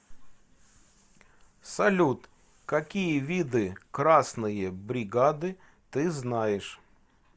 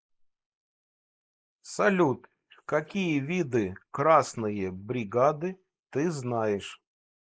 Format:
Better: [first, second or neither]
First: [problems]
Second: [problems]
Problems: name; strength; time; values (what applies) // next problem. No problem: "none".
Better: first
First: none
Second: noise reduction (neural mask model Resemble Enhance denoiser)